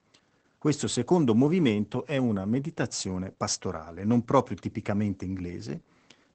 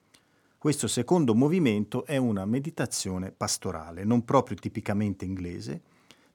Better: second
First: garbled, watery; badly; nothing above 8 kHz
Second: none

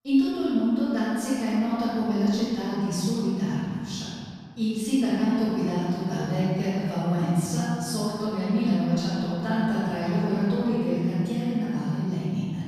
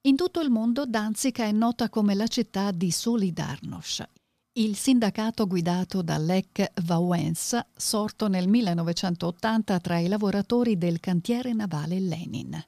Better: second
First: room echo; strong; dies away in 2.4 s // off-mic speech; far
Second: none

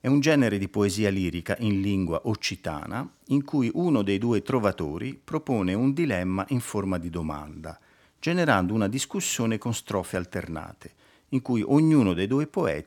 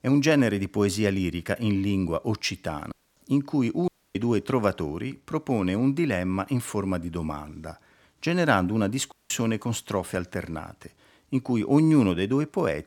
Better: first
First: none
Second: audio cutting out; at 3 s, at 4 s and at 9 s

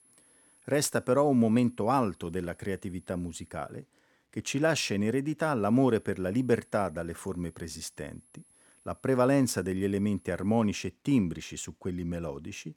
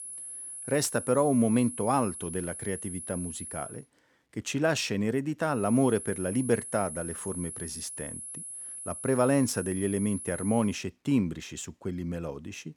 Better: first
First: high-pitched whine; faint; until 3.5 s and from 5.5 to 11 s; 10.5 kHz, 30 dB below the speech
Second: high-pitched whine; loud; until 3.5 s and from 5.5 to 11 s; 10.5 kHz, 9 dB below the speech

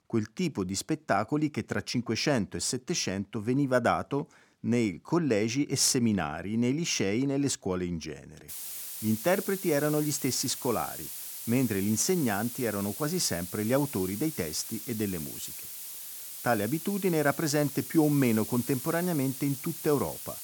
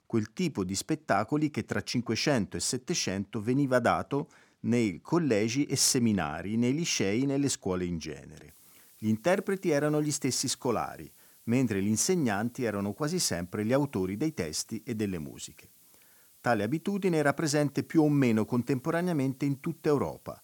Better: second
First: hiss; loud; from 8.5 s on; 8 dB below the speech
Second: hiss; faint; from 8.5 s on; 25 dB below the speech

